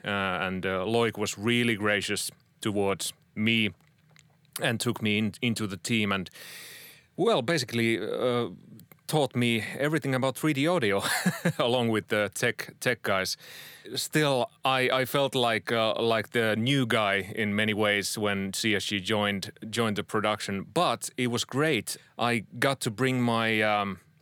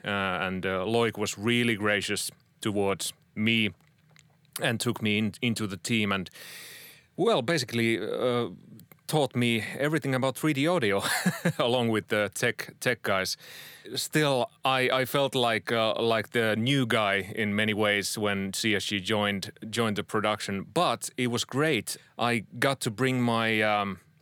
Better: neither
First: none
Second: none

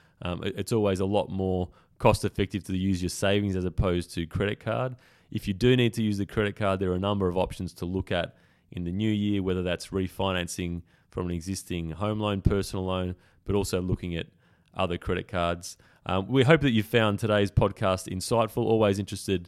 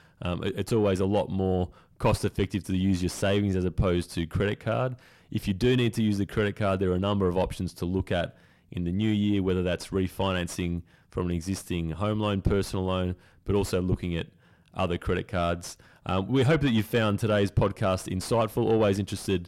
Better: first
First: none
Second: distortion; slight; 10 dB below the speech

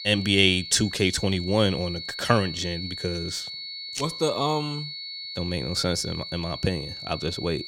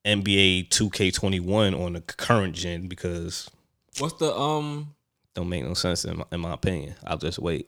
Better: second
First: high-pitched whine; loud; throughout; 4.5 kHz, 8 dB below the speech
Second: none

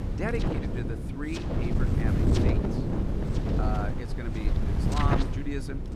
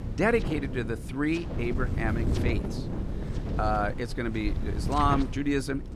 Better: second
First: wind noise on the microphone; heavy; 2 dB above the speech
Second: wind noise on the microphone; occasional gusts; 10 dB below the speech

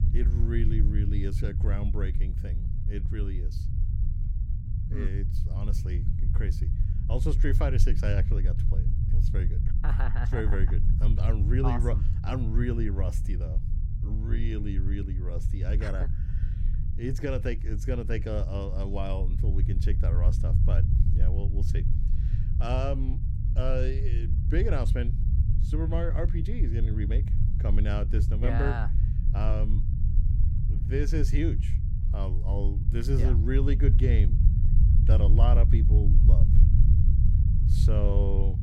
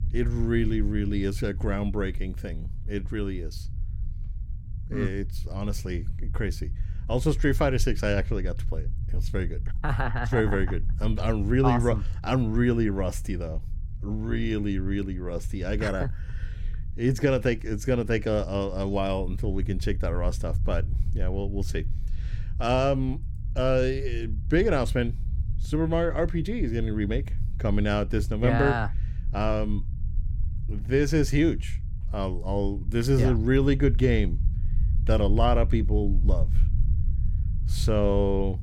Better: second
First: low rumble; loud; throughout; 6 dB below the speech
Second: low rumble; faint; throughout; 20 dB below the speech

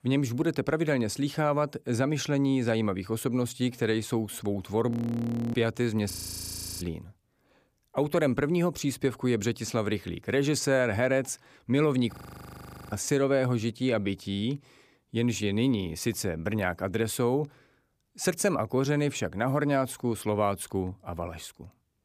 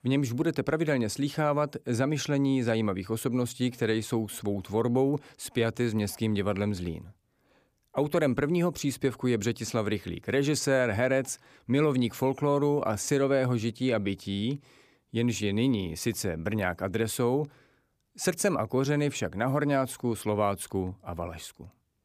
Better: second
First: audio freezing; at 5 s for 0.5 s, at 6 s for 0.5 s and at 12 s for 1 s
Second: none

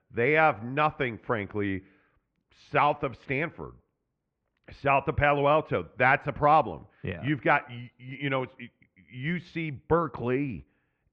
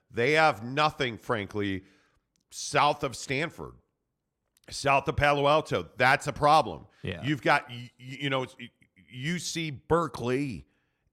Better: second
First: muffled; very; fading above 2.5 kHz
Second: none

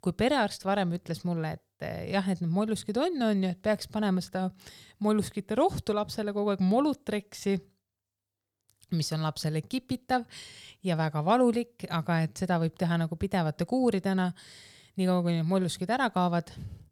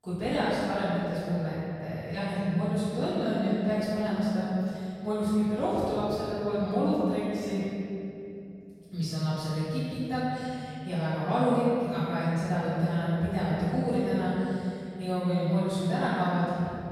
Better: first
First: none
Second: room echo; strong; dies away in 3 s // off-mic speech; far

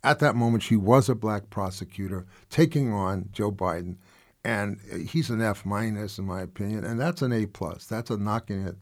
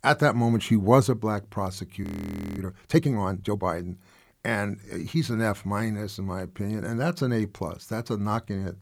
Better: first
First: none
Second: audio freezing; at 2 s for 0.5 s

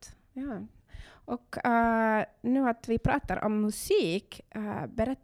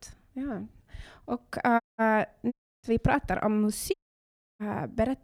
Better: first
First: none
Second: audio cutting out; at 2 s, at 2.5 s and at 4 s for 0.5 s

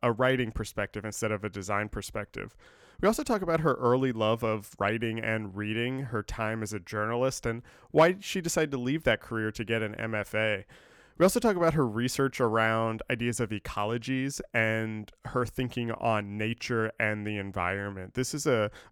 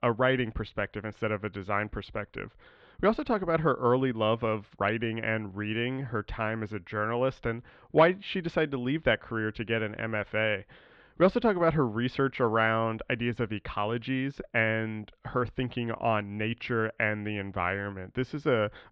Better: first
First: none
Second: muffled; very; fading above 4 kHz

